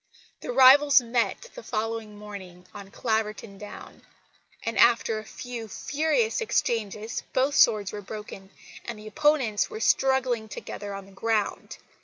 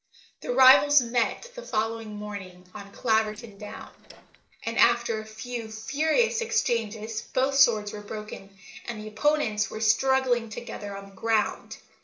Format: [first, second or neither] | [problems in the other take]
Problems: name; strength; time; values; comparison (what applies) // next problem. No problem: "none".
first | noise reduction (neural separator model SepFormer DNS4)